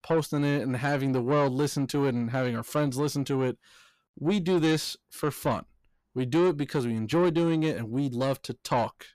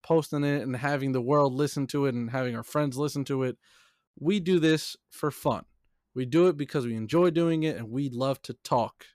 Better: second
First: distortion; slight; 10 dB below the speech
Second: none

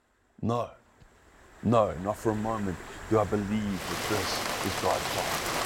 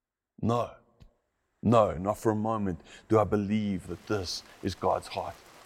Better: second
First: rain or running water; loud; throughout; 3 dB below the speech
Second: rain or running water; faint; throughout; 25 dB below the speech

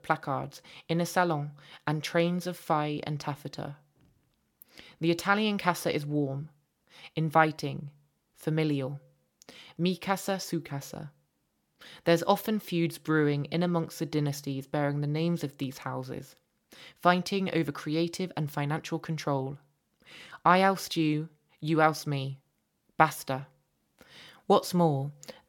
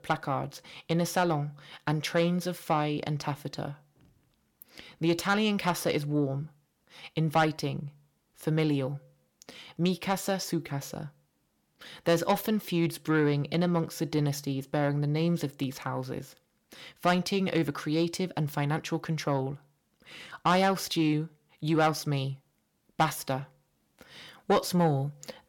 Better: first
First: none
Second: distortion; slight; 10 dB below the speech

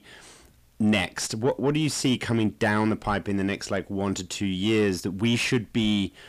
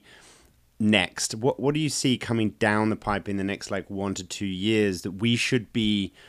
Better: second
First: distortion; slight; 10 dB below the speech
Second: none

